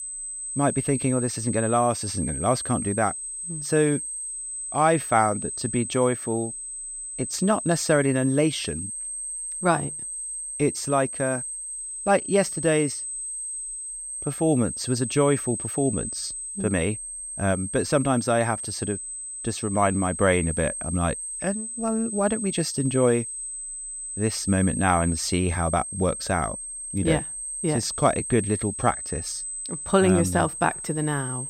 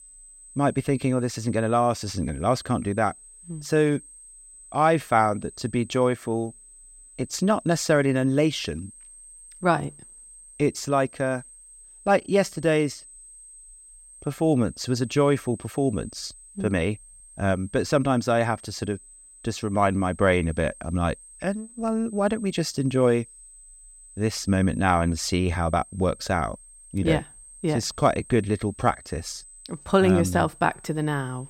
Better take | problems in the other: second | high-pitched whine; loud; throughout; 8 kHz, 6 dB below the speech; faint in the second

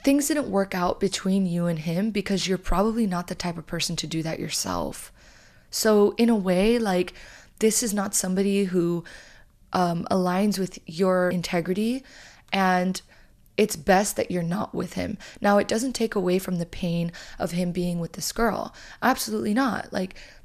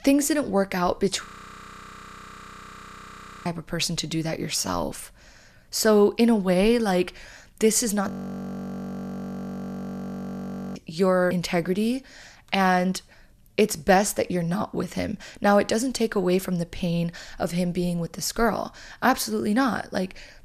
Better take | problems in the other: first | audio freezing; at 1.5 s for 2 s and at 8 s for 2.5 s

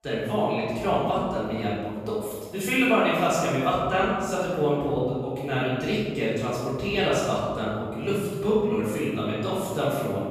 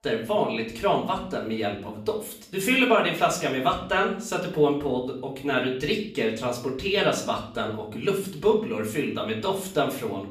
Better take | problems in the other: second | room echo; strong; dies away in 1.7 s; slight in the second // off-mic speech; far; far in the second

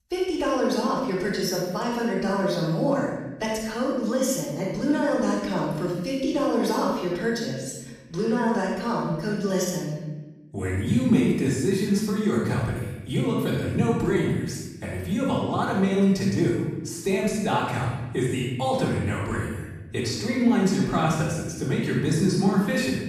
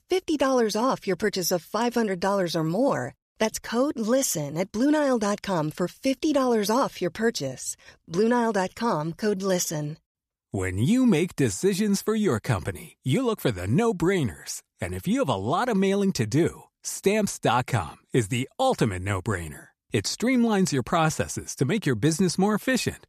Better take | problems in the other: second | off-mic speech; far // room echo; strong; dies away in 1.1 s

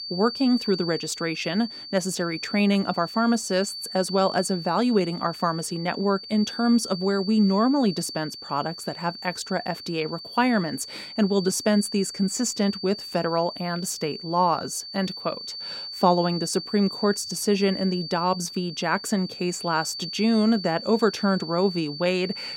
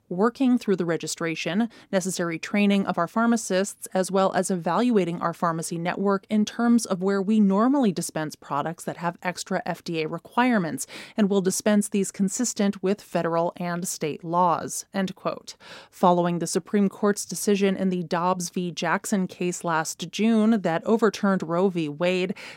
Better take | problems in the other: second | high-pitched whine; loud; throughout; 4.5 kHz, 10 dB below the speech

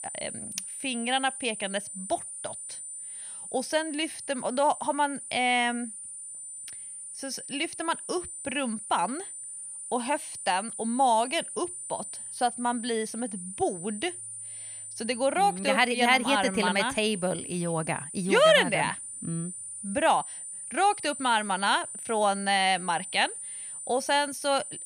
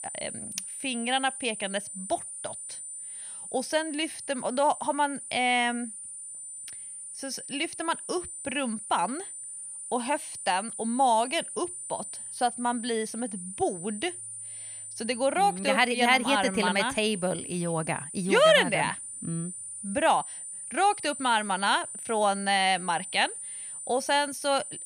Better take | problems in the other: neither | high-pitched whine; loud; throughout; 9 kHz, 9 dB below the speech; the same in both

